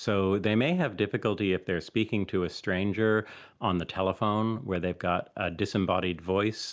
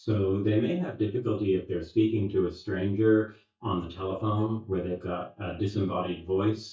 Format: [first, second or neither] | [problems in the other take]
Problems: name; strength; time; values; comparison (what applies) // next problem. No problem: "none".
first | noise reduction (neural mask model DeepFilterNet 3)